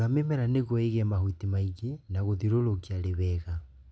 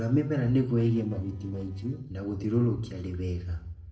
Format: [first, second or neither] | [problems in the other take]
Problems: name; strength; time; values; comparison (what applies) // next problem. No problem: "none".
first | noise reduction (neural separator model SepFormer DNS4)